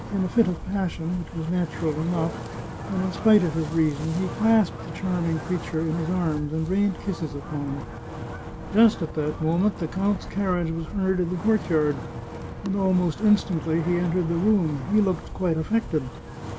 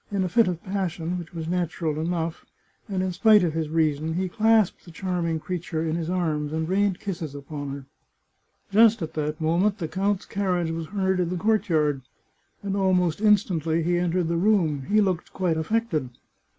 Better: second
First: background sound (Wind + Wind instrument, woodwind instrument); 10 dB below the speech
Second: none

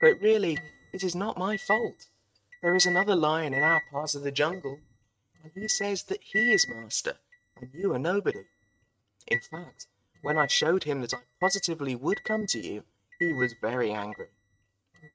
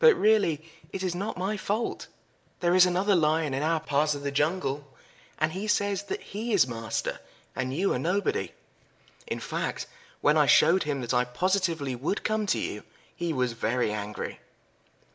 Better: second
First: noise reduction (neural mask model RNNoise)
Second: none

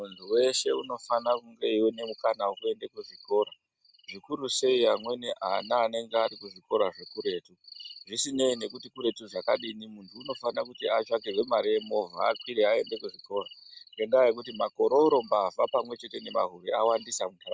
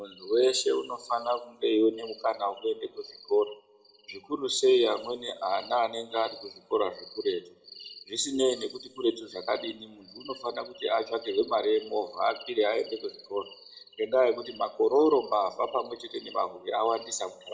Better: first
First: none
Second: room echo; dies away in 0.8 s

